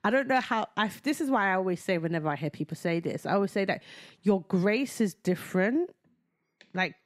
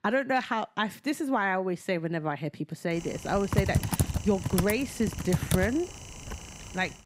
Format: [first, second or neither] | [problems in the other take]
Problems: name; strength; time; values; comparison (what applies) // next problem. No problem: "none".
first | keyboard typing; loud; from 3.5 to 6.5 s; peak 2 dB above the speech